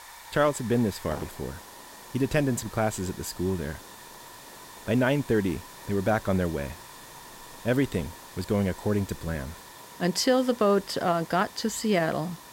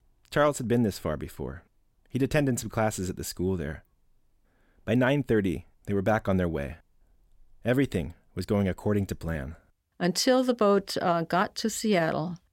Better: second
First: hiss; noticeable; throughout; 15 dB below the speech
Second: none

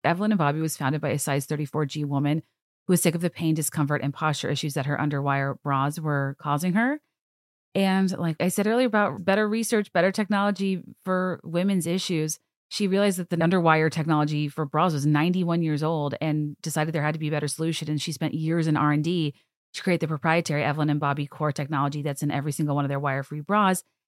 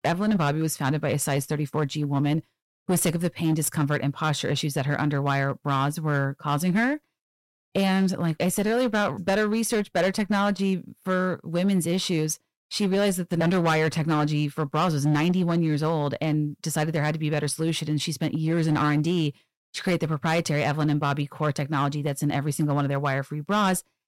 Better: first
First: none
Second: distortion; slight; 10% of the sound clipped

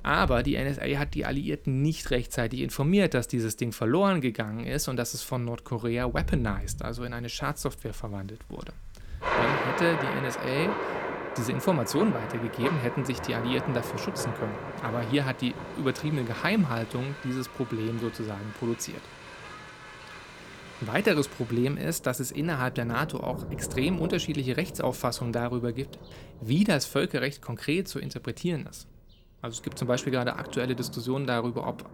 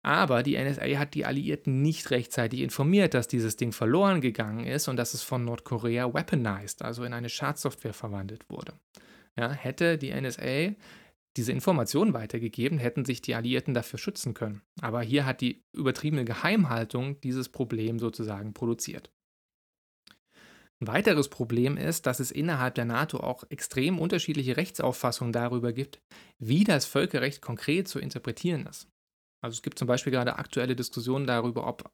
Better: second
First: rain or running water; loud; throughout; 7 dB below the speech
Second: none

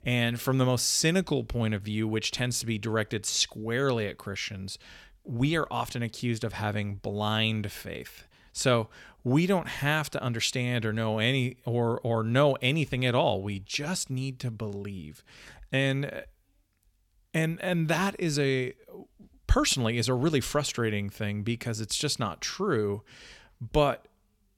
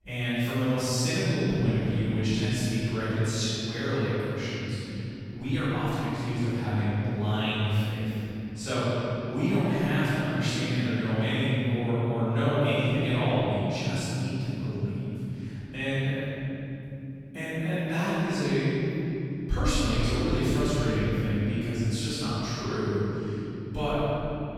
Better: first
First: none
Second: room echo; strong; dies away in 3 s // off-mic speech; far

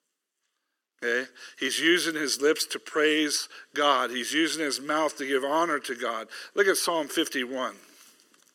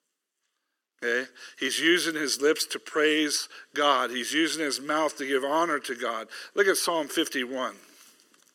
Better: neither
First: thin; somewhat; fading below 300 Hz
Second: thin; somewhat; fading below 300 Hz

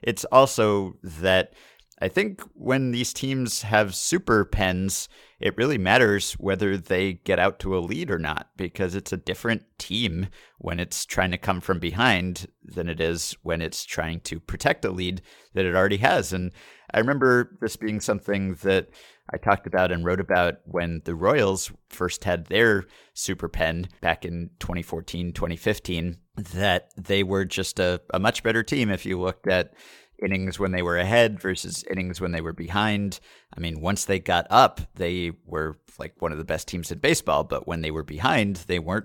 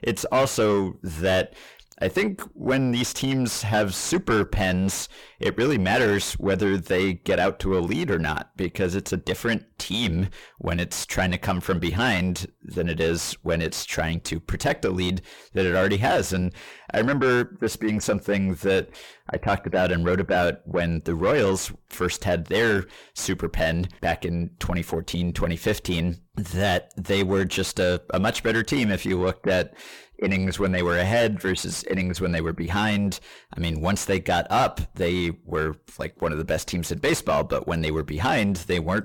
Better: first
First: none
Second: distortion; heavy; 6 dB below the speech

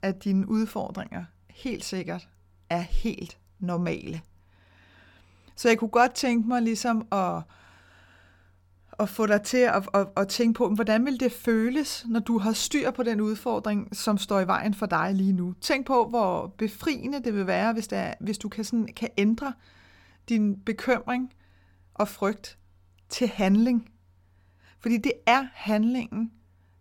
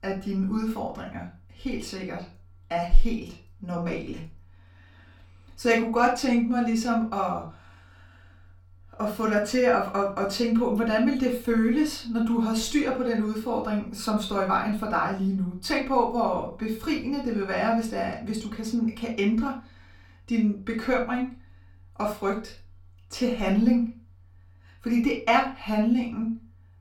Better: first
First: none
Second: off-mic speech; far // room echo; slight; dies away in 0.3 s

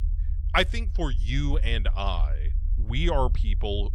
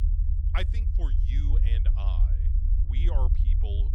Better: first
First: low rumble; faint; throughout; 20 dB below the speech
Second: low rumble; loud; throughout; 5 dB below the speech

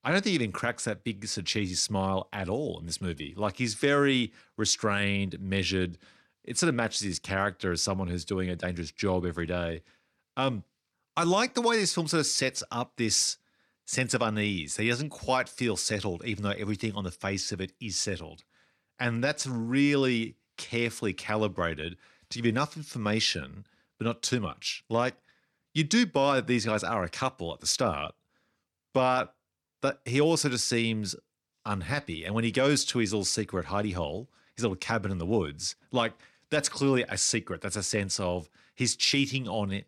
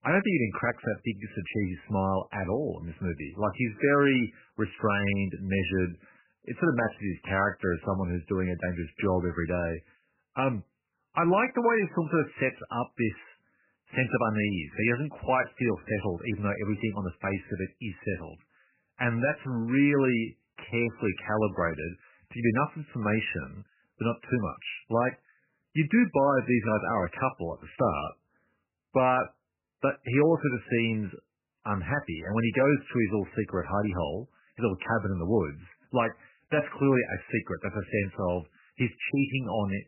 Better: first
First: none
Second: garbled, watery; badly; nothing above 3 kHz

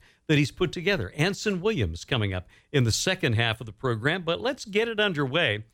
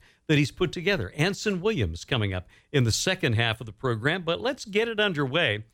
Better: neither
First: none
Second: none

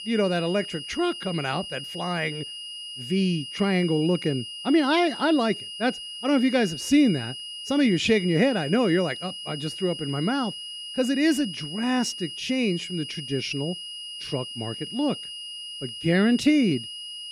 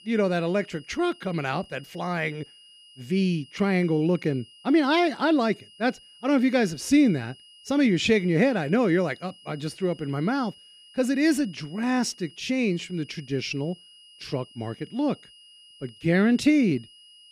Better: second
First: high-pitched whine; loud; throughout; 3 kHz, 9 dB below the speech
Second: high-pitched whine; faint; throughout; 3 kHz, 25 dB below the speech

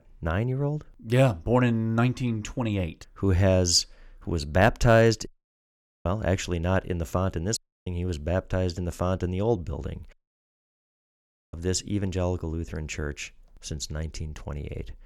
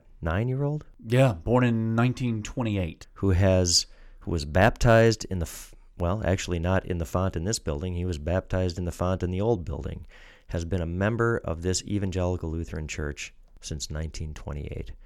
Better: second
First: audio cutting out; at 5.5 s for 1 s, at 7.5 s and at 10 s for 1.5 s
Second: none

